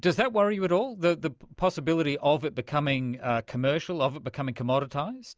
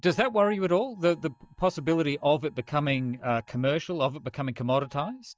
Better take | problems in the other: first | noise reduction (neural mask model DeepFilterNet 3)

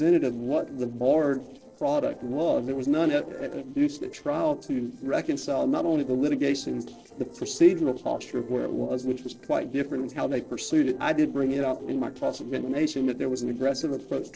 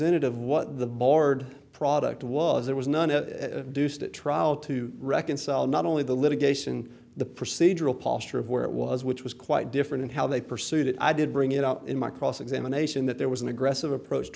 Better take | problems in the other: second | noise reduction (neural separator model SepFormer DNS4)

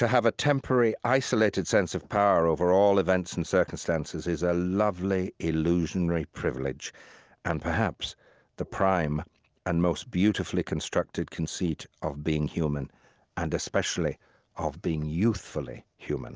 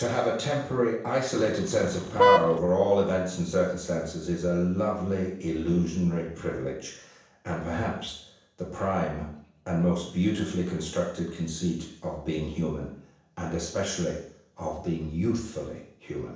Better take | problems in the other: first | background sound (Vehicle horn, car horn, honking); 4 dB above the speech // room echo; dies away in 0.7 s

